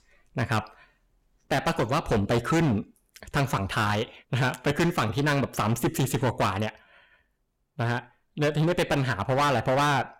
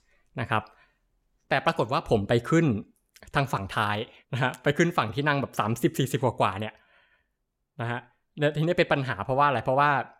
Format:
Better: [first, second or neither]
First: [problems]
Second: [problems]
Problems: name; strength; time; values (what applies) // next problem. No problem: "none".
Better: second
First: distortion; heavy; 14% of the sound clipped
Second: none